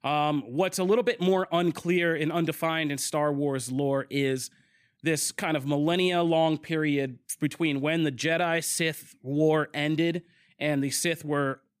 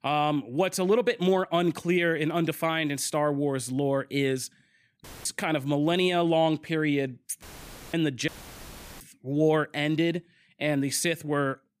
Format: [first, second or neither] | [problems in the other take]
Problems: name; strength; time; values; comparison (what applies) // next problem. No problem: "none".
first | audio cutting out; filled with static; at 5 s, at 7.5 s for 0.5 s and at 8.5 s for 0.5 s